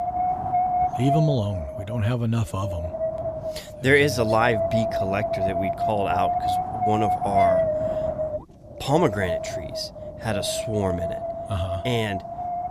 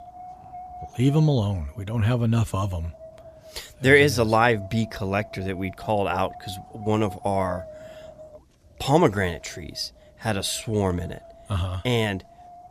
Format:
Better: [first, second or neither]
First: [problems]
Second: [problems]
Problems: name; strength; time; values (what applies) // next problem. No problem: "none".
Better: second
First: wind noise on the microphone; heavy; 1 dB above the speech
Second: wind noise on the microphone; occasional gusts; 15 dB below the speech